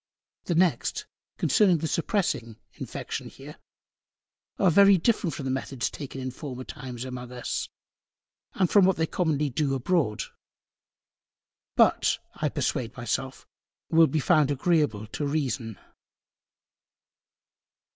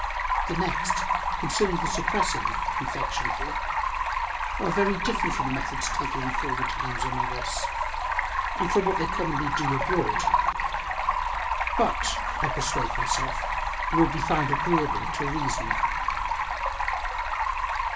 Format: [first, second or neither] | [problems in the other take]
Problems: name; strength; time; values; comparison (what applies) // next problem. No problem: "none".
first | background sound (Stream); 5 dB above the speech // room echo; dies away in 2.4 s